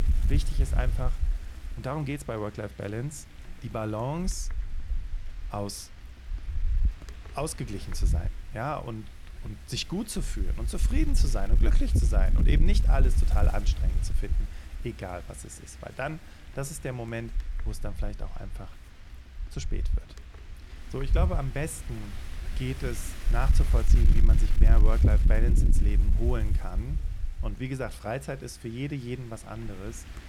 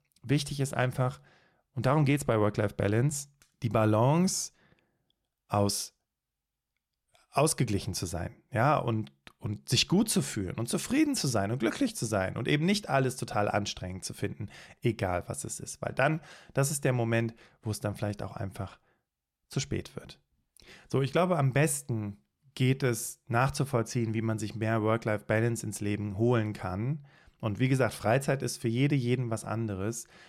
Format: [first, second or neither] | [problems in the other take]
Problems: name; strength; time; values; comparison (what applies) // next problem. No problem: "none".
second | wind noise on the microphone; heavy; 10 dB below the speech